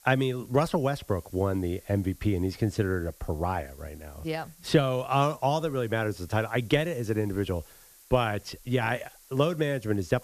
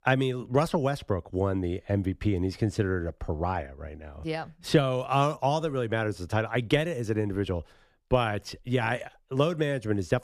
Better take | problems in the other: second | hiss; faint; throughout; 25 dB below the speech

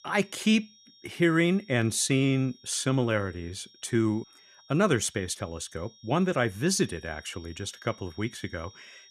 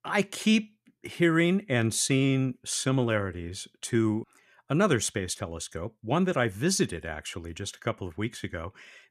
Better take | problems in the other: second | high-pitched whine; faint; throughout; 5.5 kHz, 25 dB below the speech

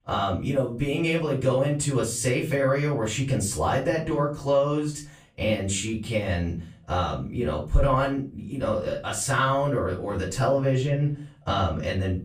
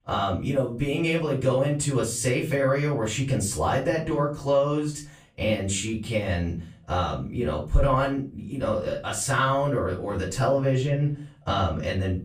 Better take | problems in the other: neither | off-mic speech; far; the same in both // room echo; slight; dies away in 0.3 s; the same in both

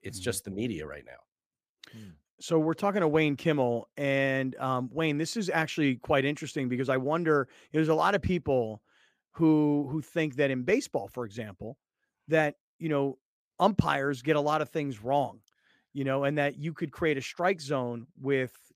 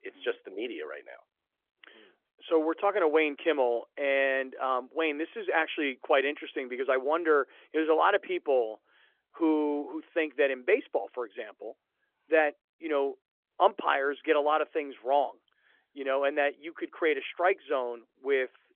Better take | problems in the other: first | phone-call audio; nothing above 3.5 kHz

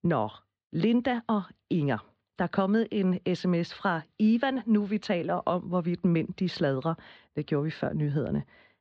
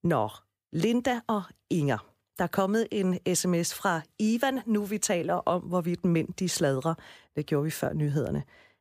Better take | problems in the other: second | muffled; slightly; fading above 4 kHz

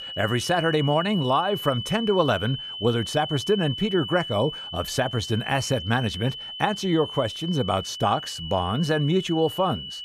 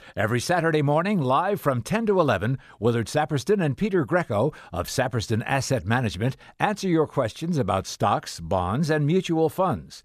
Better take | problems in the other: second | high-pitched whine; loud; throughout; 3 kHz, 8 dB below the speech

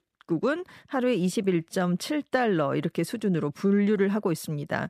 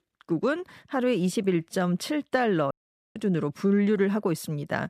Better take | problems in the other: first | audio cutting out; at 2.5 s

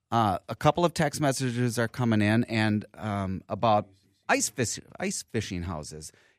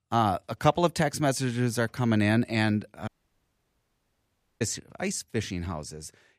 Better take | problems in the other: first | audio cutting out; at 3 s for 1.5 s

